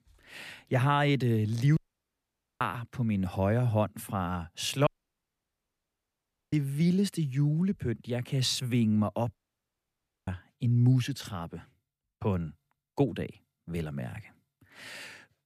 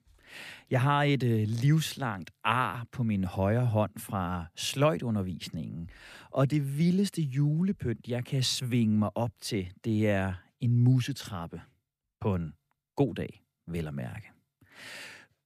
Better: second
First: audio cutting out; at 2 s for 1 s, at 5 s for 1.5 s and at 9.5 s for 1 s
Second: none

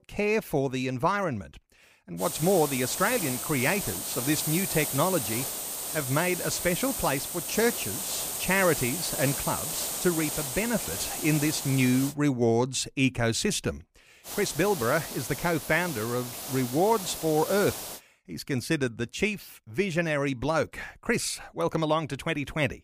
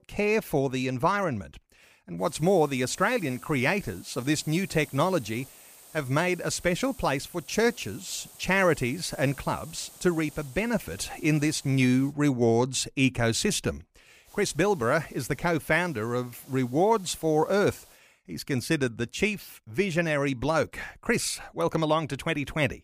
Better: second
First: hiss; loud; from 2 to 12 s and from 14 to 18 s; 4 dB below the speech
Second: hiss; faint; from 2 to 12 s and from 14 to 18 s; 20 dB below the speech

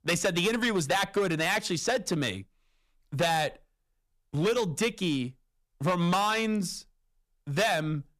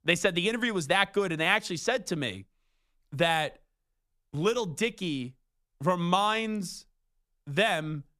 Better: second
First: distortion; heavy; 7% of the sound clipped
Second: none

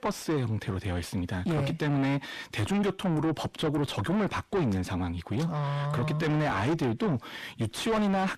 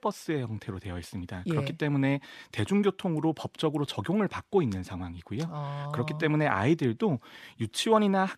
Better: second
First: distortion; heavy; 5 dB below the speech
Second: none

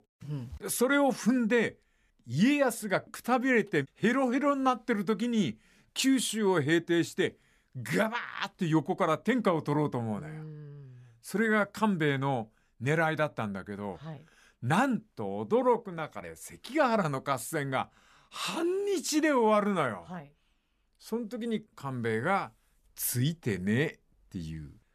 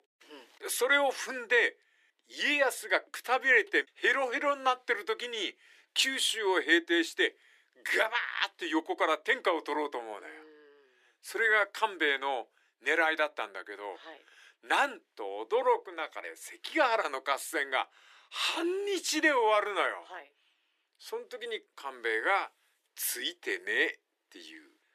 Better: first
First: none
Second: thin; very; fading below 300 Hz

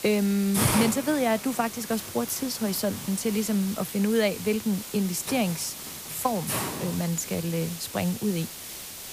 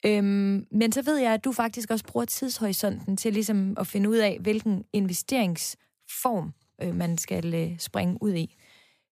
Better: second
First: hiss; loud; throughout; 6 dB below the speech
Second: none

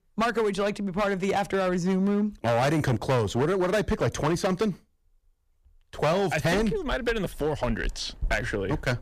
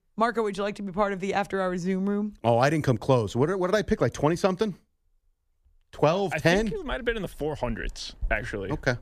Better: second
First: distortion; heavy; 11% of the sound clipped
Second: none

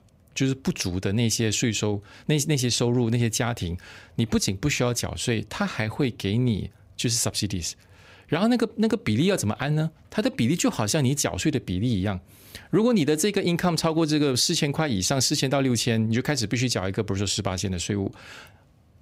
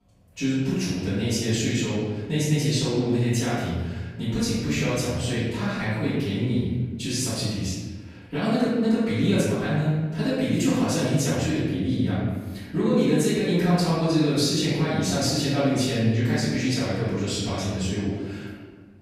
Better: first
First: none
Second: off-mic speech; far // room echo; strong; dies away in 1.3 s

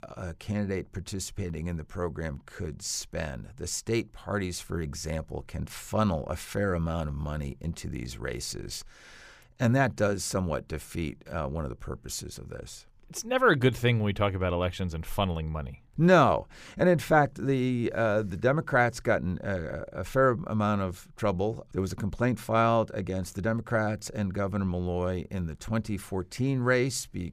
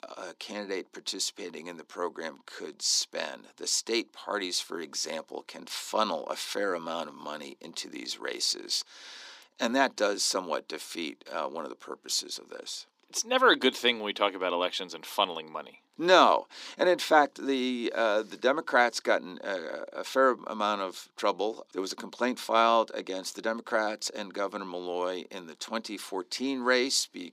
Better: first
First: none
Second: thin; somewhat; fading below 250 Hz

